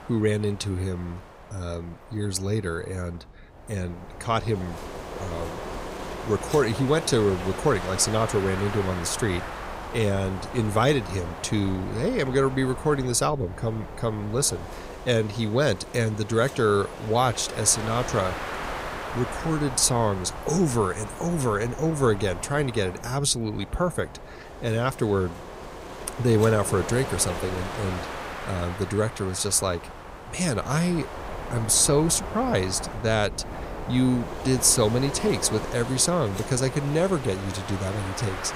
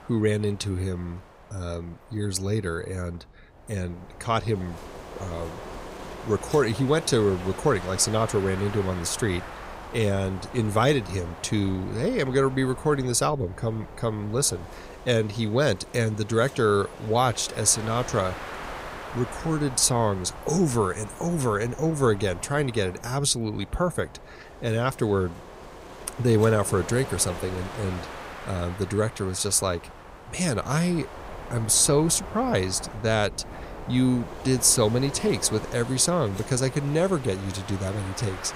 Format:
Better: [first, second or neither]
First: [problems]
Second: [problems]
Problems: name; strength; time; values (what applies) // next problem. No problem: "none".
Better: second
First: wind noise on the microphone; heavy; 8 dB below the speech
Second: wind noise on the microphone; occasional gusts; 10 dB below the speech